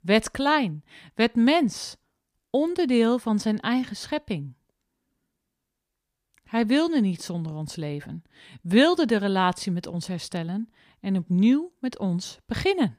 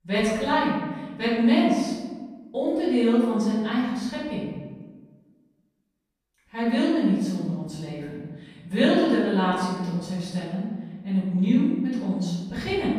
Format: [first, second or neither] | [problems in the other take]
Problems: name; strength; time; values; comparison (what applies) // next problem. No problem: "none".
first | room echo; strong; dies away in 1.2 s // off-mic speech; far